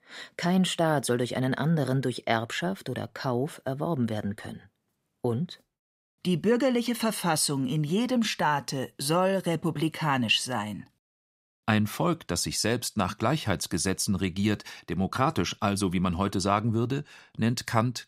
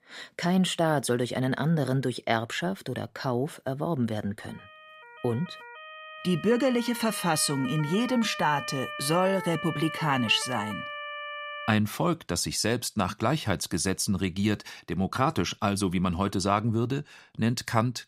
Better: first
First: none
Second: siren; noticeable; from 4.5 to 12 s; peak 8 dB below the speech

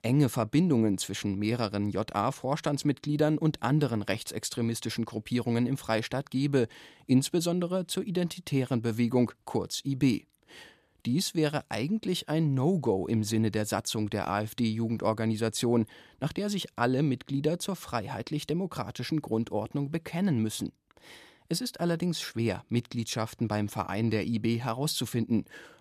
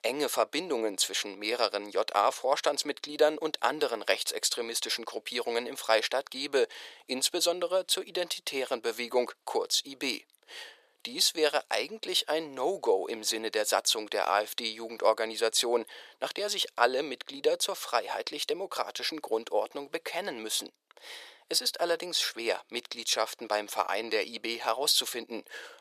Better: first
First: none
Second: thin; very; fading below 500 Hz

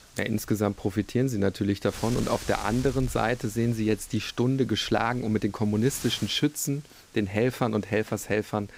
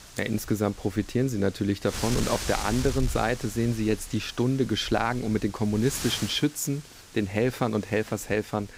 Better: first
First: wind noise on the microphone; occasional gusts; 15 dB below the speech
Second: wind noise on the microphone; heavy; 10 dB below the speech

